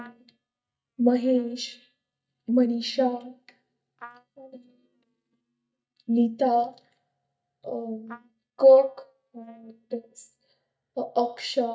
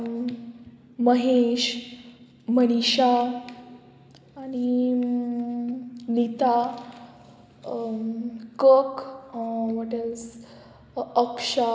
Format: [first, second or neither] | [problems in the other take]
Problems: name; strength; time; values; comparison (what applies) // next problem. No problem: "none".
second | noise reduction (neural mask model DeepFilterNet 3)